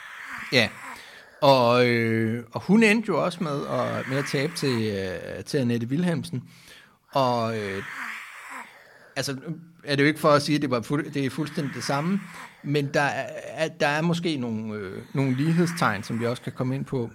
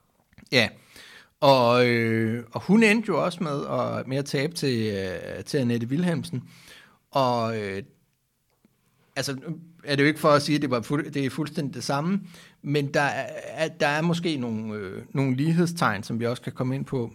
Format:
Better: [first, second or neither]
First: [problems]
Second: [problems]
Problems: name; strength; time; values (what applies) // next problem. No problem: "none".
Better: second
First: hiss; noticeable; throughout; 15 dB below the speech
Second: none